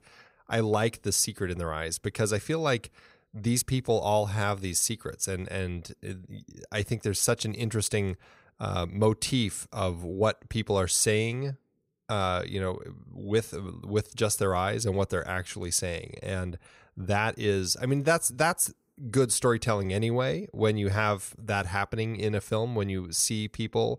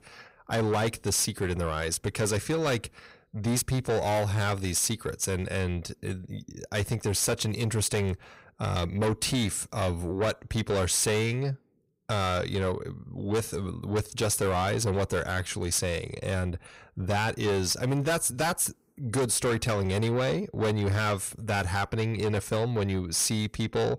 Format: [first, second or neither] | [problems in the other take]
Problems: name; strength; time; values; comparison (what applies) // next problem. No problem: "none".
first | distortion; heavy; 8 dB below the speech